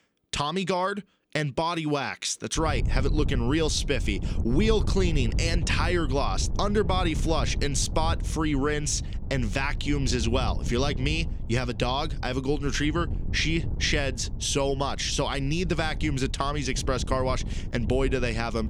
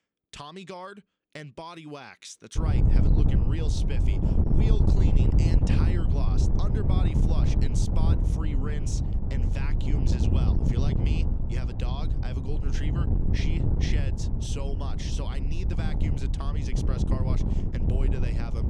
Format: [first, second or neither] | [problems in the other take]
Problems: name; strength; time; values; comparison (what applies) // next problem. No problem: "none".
first | wind noise on the microphone; heavy; from 2.5 s on; 2 dB above the speech; occasional gusts in the first